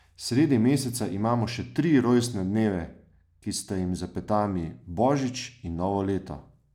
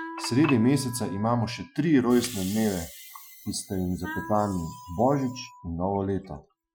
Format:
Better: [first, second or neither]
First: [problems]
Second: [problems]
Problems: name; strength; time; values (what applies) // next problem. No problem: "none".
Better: first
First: none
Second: noise reduction (classical method Wiener filter)